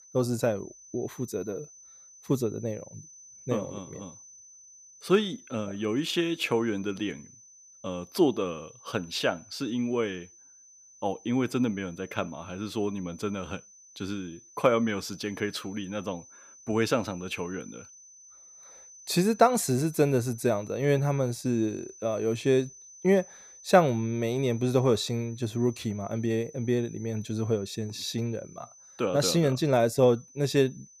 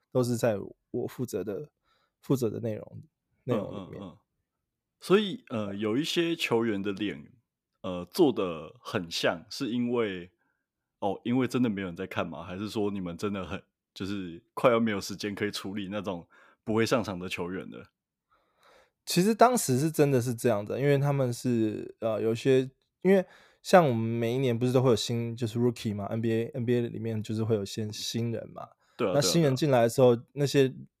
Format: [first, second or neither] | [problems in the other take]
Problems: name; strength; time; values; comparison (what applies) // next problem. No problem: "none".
second | high-pitched whine; faint; throughout; 6 kHz, 20 dB below the speech